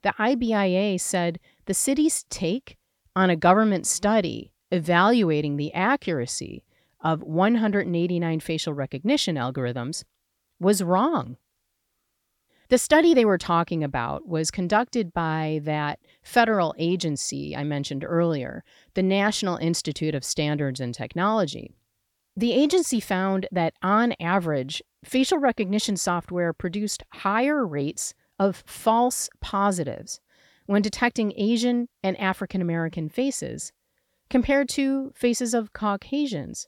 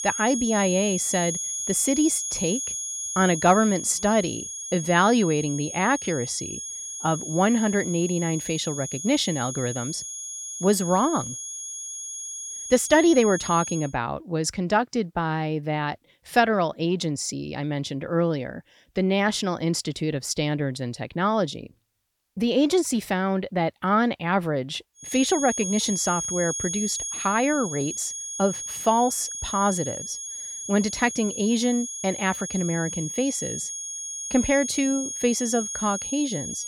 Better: first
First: none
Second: high-pitched whine; loud; until 14 s and from 25 s on; 6.5 kHz, 5 dB below the speech

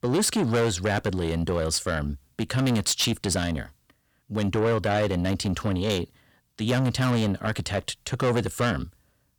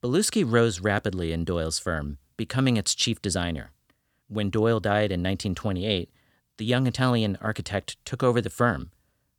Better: second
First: distortion; heavy; 7 dB below the speech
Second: none

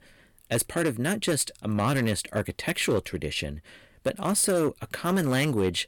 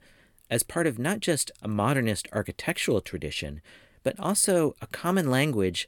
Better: second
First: distortion; slight; 6% of the sound clipped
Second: none

